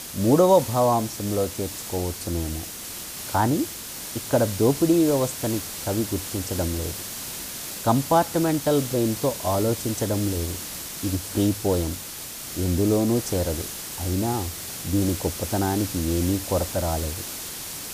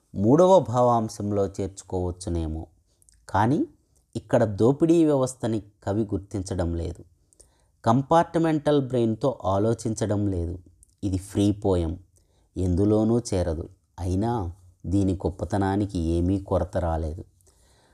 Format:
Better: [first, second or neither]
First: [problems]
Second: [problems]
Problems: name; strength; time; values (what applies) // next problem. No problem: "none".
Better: second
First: hiss; loud; throughout; 7 dB below the speech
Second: none